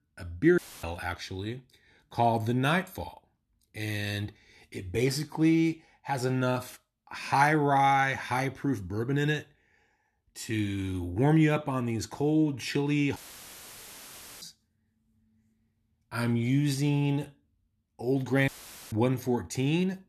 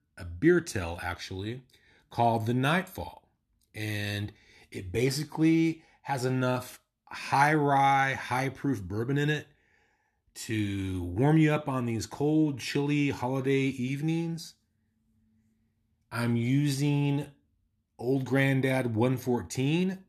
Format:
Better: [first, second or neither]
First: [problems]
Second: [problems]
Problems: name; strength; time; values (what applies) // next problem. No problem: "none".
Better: second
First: audio cutting out; filled with static; at 0.5 s, at 13 s for 1.5 s and at 18 s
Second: none